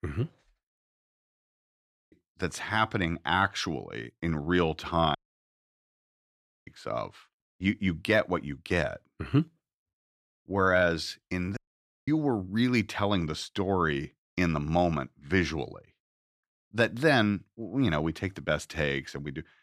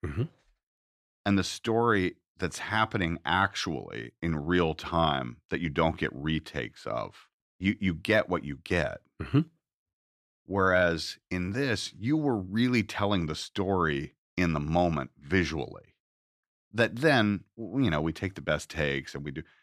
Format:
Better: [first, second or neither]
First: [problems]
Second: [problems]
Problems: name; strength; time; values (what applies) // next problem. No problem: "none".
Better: second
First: audio cutting out; at 1 s for 1 s, at 5 s for 1.5 s and at 12 s for 0.5 s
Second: none